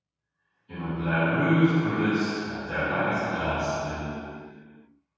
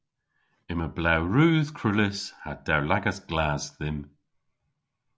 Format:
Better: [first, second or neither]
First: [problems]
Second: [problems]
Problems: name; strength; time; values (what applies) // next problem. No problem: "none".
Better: second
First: room echo; dies away in 2.2 s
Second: none